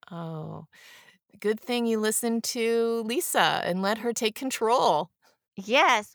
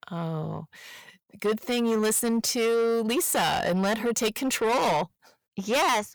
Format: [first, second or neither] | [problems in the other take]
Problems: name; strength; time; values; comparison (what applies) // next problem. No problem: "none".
first | distortion; heavy; 6 dB below the speech